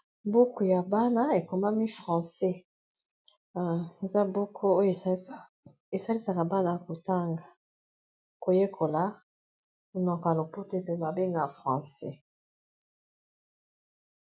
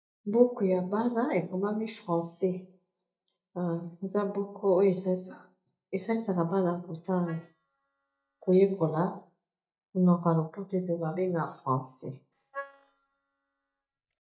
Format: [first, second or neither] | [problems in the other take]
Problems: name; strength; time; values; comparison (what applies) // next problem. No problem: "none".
first | noise reduction (neural mask model DeepFilterNet 3)